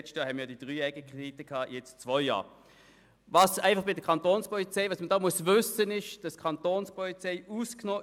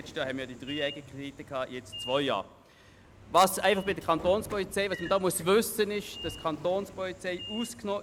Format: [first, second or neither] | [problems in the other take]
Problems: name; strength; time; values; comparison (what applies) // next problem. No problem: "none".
first | background sound (Sliding door / Train); 15 dB below the speech